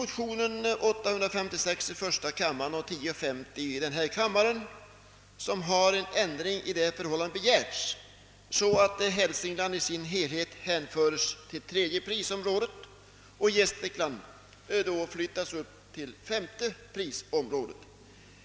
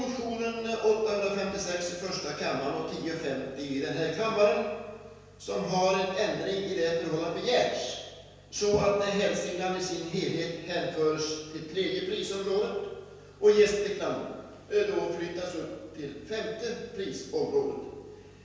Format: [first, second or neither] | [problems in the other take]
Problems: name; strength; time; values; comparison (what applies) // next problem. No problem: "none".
first | room echo; dies away in 1.2 s